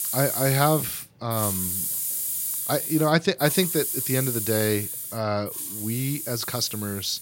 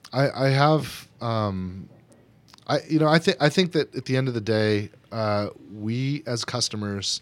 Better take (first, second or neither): second